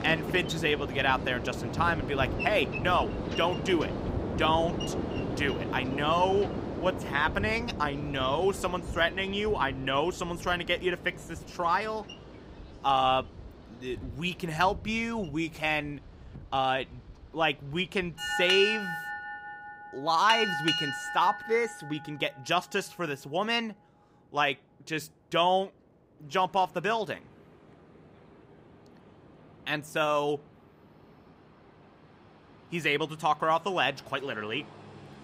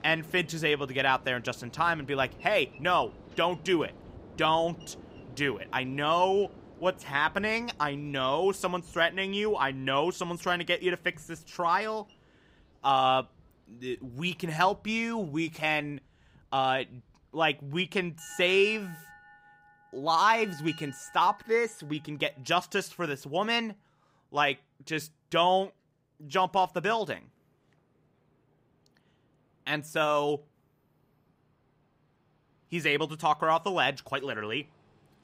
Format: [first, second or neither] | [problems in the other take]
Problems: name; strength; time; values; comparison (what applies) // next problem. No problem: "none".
second | train or aircraft noise; loud; throughout; 6 dB below the speech; faint in the second